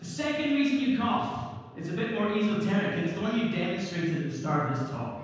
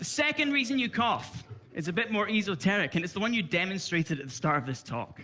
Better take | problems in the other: second | room echo; dies away in 1.2 s

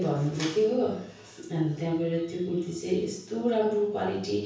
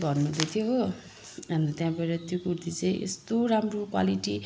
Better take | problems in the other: second | room echo; dies away in 0.6 s

